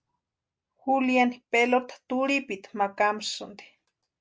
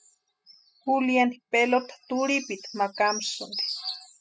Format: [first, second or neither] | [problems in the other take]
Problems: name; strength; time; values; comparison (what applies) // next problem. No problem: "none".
first | noise reduction (classical method spectral subtraction)